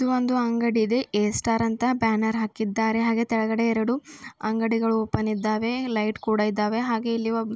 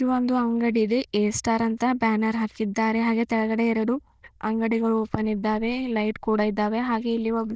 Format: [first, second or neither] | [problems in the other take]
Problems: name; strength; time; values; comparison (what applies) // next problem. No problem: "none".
first | noise reduction (neural diffusion model UNIVERSE++)